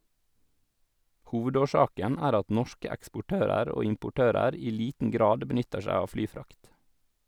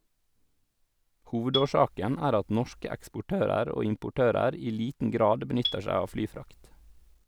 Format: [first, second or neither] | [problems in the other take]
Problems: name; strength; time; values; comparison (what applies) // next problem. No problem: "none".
first | background sound (Marimba, xylophone); 11 dB below the speech